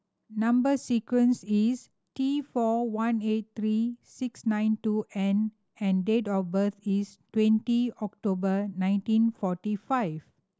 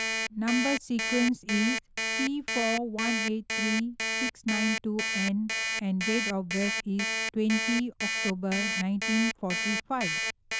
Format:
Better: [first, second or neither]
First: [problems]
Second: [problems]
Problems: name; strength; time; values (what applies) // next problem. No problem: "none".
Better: first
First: none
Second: noise reduction (neural diffusion model UNIVERSE++)